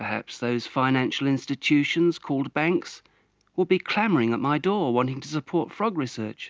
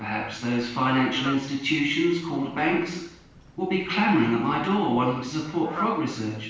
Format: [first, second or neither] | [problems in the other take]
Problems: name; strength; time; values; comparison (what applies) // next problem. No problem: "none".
first | background sound (Fowl); 17 dB below the speech // room echo; dies away in 0.7 s